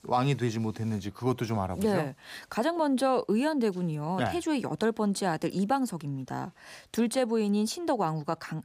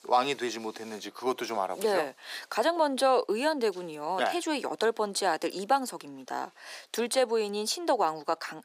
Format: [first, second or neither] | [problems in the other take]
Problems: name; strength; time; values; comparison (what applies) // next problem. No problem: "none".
first | thin; somewhat; fading below 400 Hz